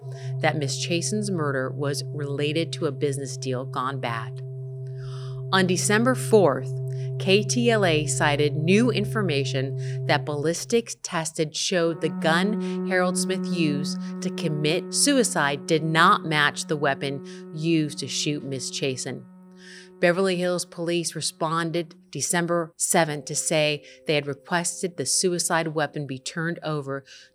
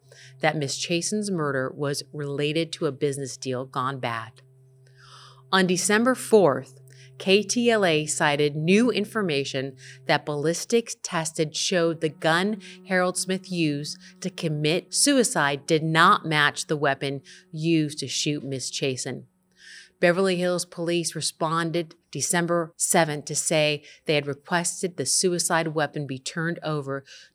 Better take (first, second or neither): second